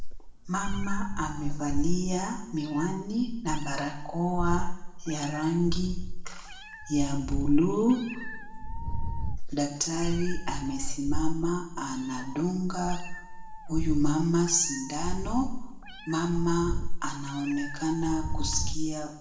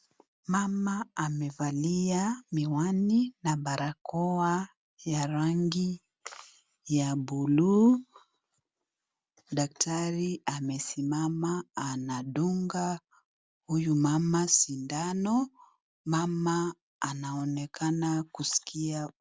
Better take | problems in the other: second | background sound (Meow); as loud as the speech // room echo; dies away in 0.8 s

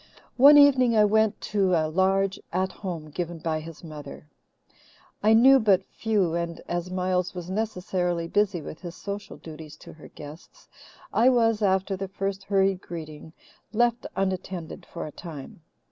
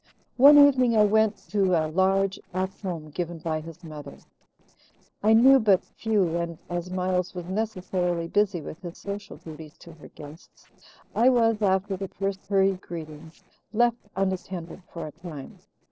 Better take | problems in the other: first | noise reduction (neural separator model SepFormer DNS4)

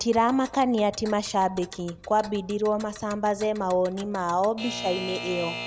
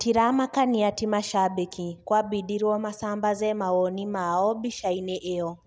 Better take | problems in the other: second | background sound (Alarm / Clock); 14 dB below the speech

